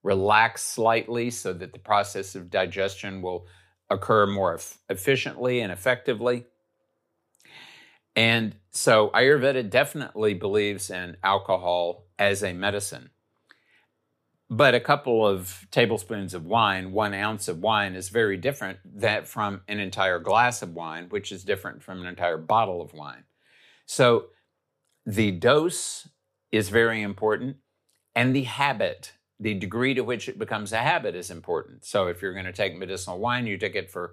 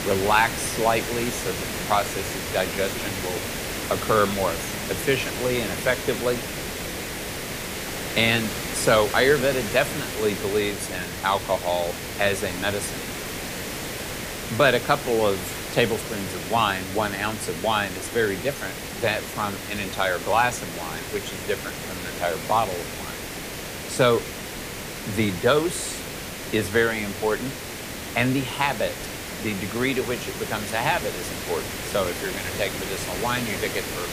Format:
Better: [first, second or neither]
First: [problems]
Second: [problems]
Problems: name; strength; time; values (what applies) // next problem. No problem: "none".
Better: first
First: none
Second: hiss; loud; throughout; 5 dB below the speech